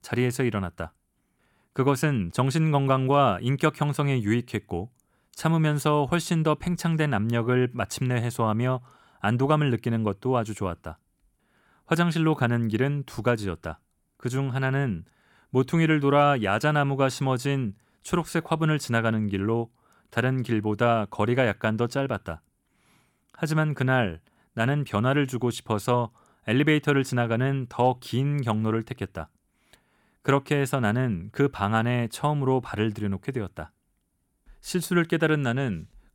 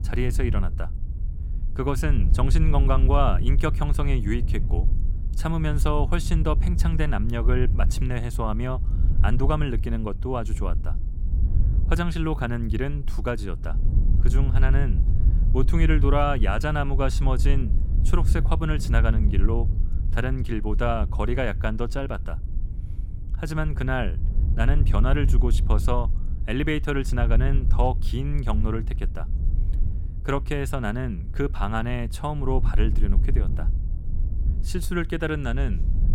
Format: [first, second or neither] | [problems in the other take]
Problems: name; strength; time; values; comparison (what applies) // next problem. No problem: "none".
first | wind noise on the microphone; occasional gusts; 15 dB below the speech